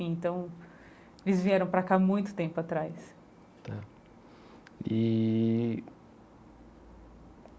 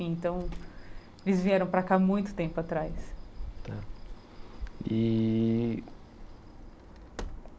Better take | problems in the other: first | background sound (Sliding door); 11 dB below the speech

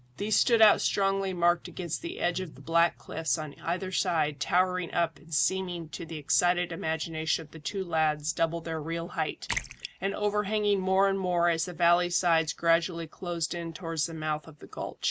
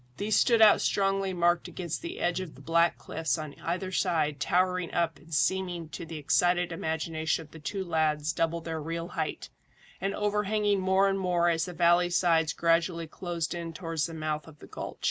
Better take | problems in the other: second | background sound (Splash, splatter); 12 dB below the speech

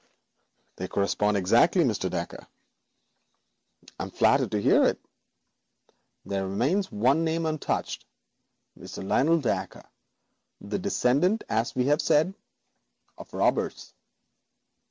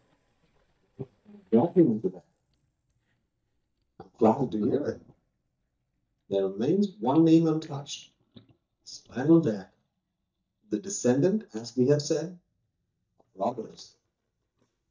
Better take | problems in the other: first | noise reduction (neural mask model DeepFilterNet 3)

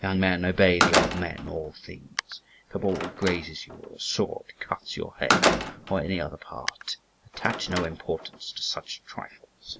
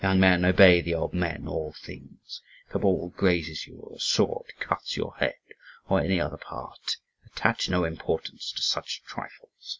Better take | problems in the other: second | background sound (Slam); 1 dB below the speech

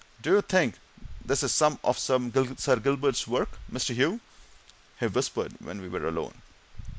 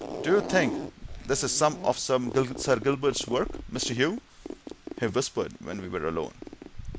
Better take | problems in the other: first | background sound (Zipper (clothing)); 11 dB below the speech

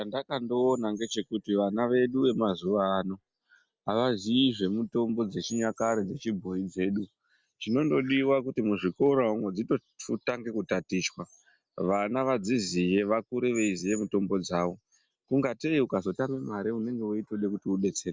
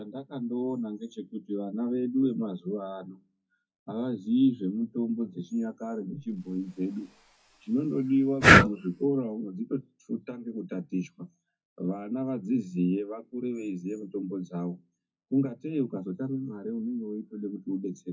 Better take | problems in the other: first | noise reduction (classical method WPE with log-MMSE)

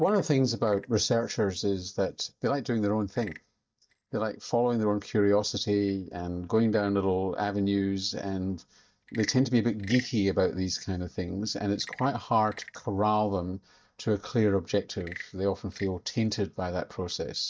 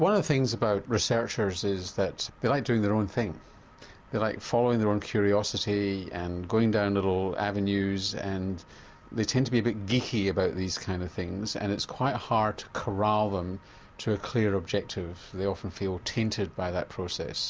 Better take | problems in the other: second | noise reduction (neural mask model DeepFilterNet 3)

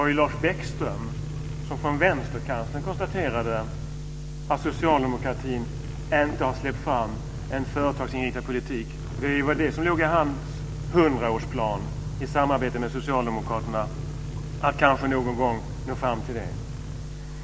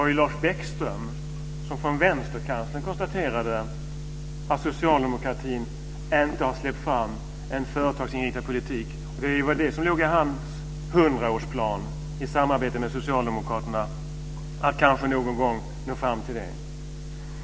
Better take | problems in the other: second | background sound (Truck); 11 dB below the speech

